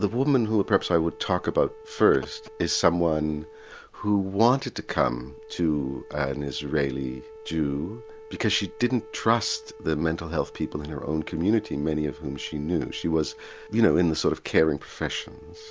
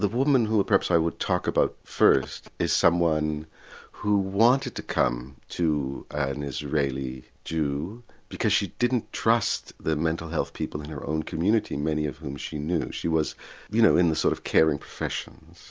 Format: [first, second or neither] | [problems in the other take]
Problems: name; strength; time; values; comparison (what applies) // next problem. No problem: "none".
second | background sound (Wind instrument, woodwind instrument); 20 dB below the speech